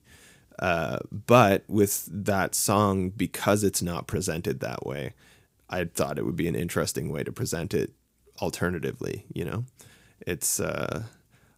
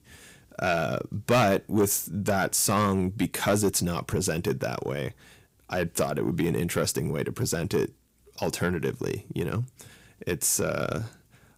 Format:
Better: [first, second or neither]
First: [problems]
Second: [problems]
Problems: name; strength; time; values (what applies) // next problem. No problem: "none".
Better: first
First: none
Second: distortion; heavy; 8 dB below the speech